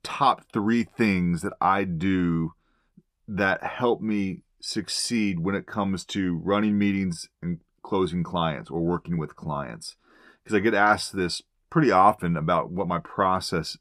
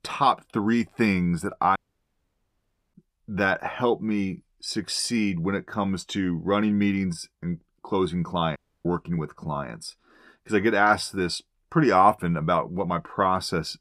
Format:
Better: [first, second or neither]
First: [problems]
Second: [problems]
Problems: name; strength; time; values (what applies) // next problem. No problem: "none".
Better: first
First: none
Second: audio cutting out; at 2 s for 1 s and at 8.5 s